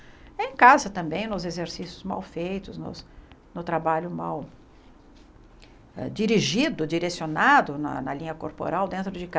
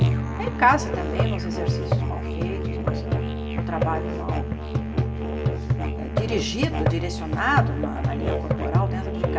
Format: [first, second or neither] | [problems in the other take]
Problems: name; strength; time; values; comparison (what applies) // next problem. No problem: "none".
first | background sound (Musical instrument); 4 dB above the speech // room echo; dies away in 2.7 s